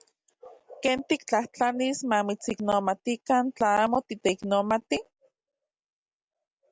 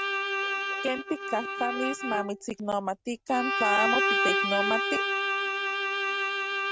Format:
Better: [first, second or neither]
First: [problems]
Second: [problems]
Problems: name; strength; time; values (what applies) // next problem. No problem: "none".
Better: first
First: none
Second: noise reduction (neural mask model RNNoise)